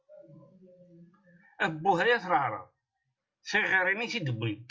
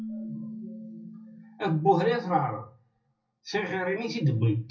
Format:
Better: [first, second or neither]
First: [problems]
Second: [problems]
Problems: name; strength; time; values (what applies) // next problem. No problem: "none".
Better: first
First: none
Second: background sound (Keyboard (musical)); 15 dB below the speech // room echo; dies away in 0.4 s